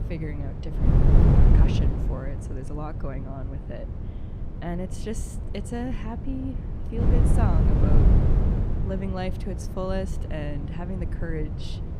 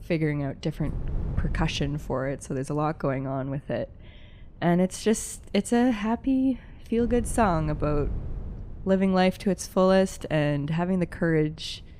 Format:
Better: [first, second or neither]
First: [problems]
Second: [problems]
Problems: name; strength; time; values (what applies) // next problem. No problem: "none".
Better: second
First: wind noise on the microphone; heavy; as loud as the speech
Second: wind noise on the microphone; occasional gusts; 25 dB below the speech